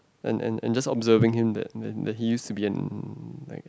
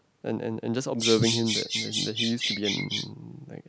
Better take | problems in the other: first | background sound (Bird vocalization, bird call, bird song); 1 dB below the speech

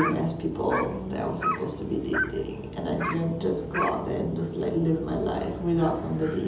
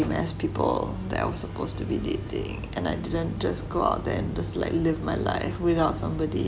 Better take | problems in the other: second | background sound (Dog); 8 dB below the speech // room echo; dies away in 0.8 s

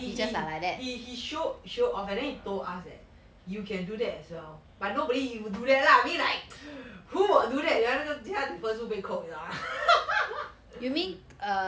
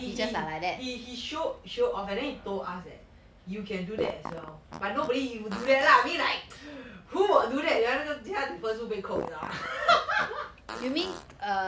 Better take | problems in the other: first | background sound (Fart); 12 dB below the speech

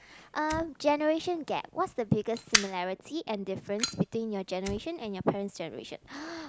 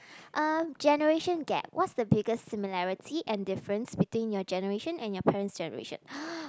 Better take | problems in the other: second | background sound (Fire); 7 dB below the speech

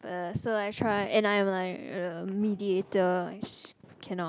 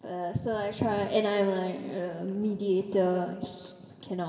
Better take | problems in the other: first | room echo; dies away in 1.6 s

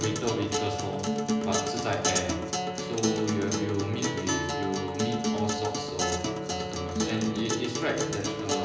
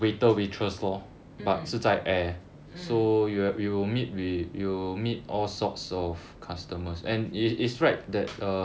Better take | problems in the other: second | background sound (Acoustic guitar); 2 dB above the speech // room echo; dies away in 1 s

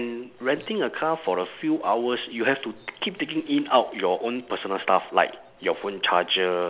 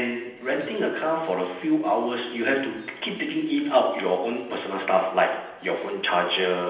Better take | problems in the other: first | room echo; dies away in 0.9 s

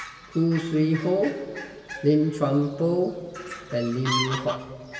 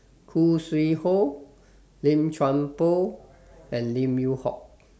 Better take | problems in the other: second | background sound (Fowl); 11 dB below the speech // room echo; dies away in 1.8 s

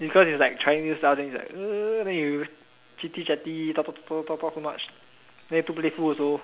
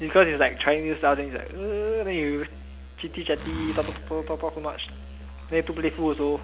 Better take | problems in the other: first | background sound (Musical instrument + Zipper (clothing)); 13 dB below the speech

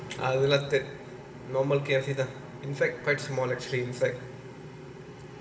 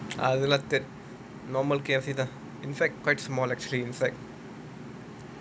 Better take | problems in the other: second | background sound (Bowed string instrument); 19 dB below the speech // room echo; dies away in 2.1 s

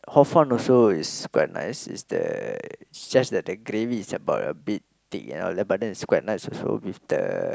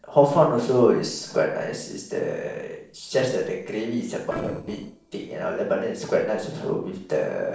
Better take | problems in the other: first | noise reduction (neural separator model SepFormer DNS4)

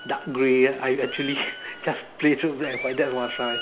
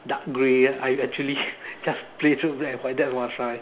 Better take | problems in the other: second | background sound (Squeak); 13 dB below the speech

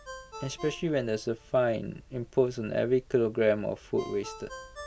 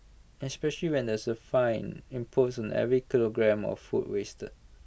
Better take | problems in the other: second | background sound (Ringtone); 18 dB below the speech

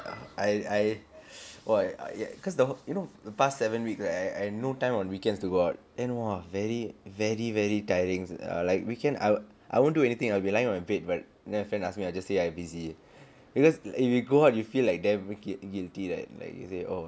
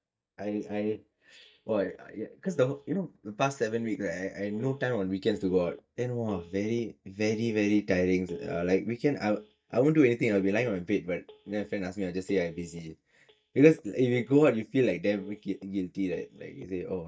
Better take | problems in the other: first | noise reduction (neural mask model DeepFilterNet 3)

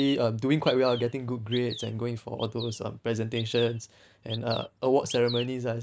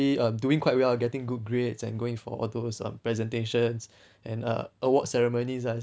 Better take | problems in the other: second | noise reduction (neural mask model Resemble Enhance denoiser)

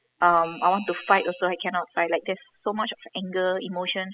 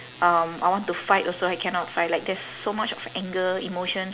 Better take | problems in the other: second | noise reduction (classical method spectral subtraction)

